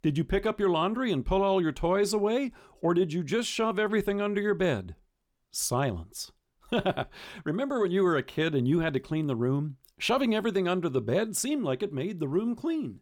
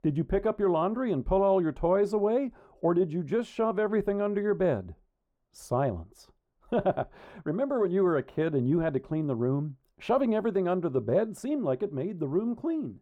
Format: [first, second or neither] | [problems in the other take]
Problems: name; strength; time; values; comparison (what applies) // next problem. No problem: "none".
first | muffled; very; fading above 2 kHz